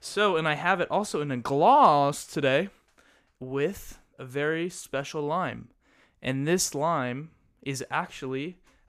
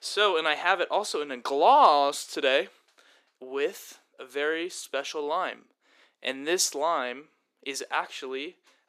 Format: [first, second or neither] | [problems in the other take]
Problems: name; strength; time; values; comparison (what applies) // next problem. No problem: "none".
first | thin; somewhat; fading below 350 Hz